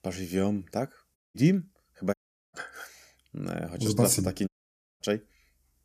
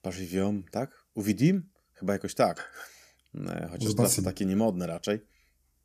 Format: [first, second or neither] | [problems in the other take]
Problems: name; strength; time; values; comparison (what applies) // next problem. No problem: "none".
second | audio cutting out; at 1 s, at 2 s and at 4.5 s for 0.5 s